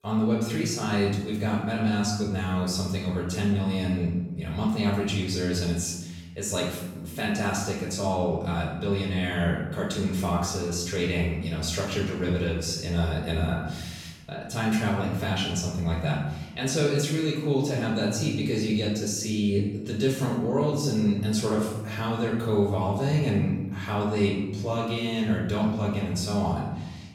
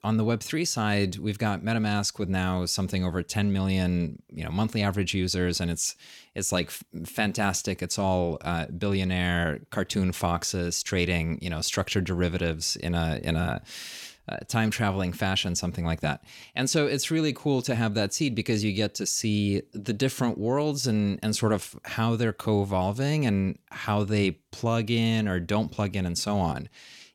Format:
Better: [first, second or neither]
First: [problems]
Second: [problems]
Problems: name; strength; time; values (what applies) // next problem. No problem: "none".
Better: second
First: room echo; noticeable; dies away in 1 s // off-mic speech; far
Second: none